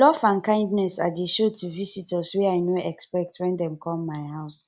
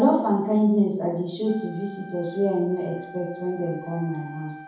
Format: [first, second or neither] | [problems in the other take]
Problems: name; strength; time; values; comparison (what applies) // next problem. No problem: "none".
first | background sound (Wind instrument, woodwind instrument); 19 dB below the speech // room echo; dies away in 0.9 s